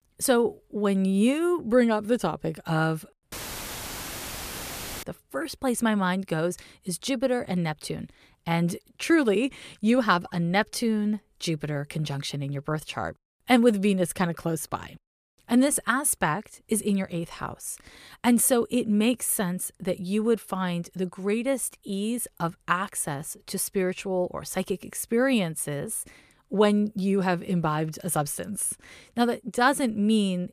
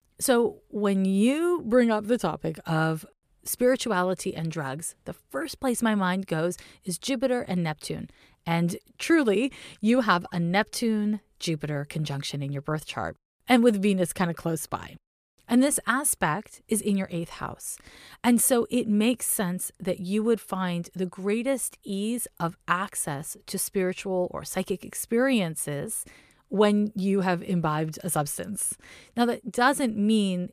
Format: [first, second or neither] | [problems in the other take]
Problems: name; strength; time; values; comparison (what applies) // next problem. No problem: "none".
second | audio cutting out; filled with static; at 3.5 s for 1.5 s